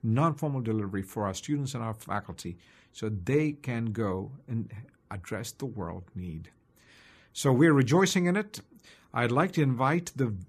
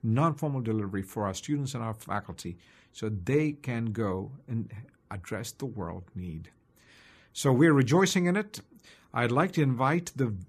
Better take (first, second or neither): neither